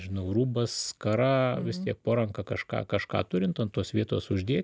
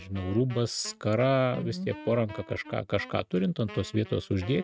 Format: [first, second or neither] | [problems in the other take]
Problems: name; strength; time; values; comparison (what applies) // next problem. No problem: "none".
first | noise reduction (neural mask model RNNoise)